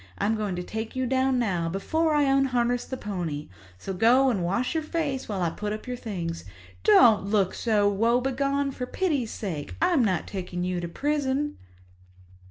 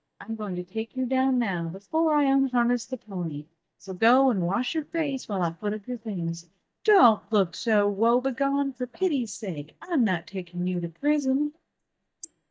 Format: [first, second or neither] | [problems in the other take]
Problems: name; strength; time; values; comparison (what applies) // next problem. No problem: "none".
first | noise reduction (neural mask model DeepFilterNet 3)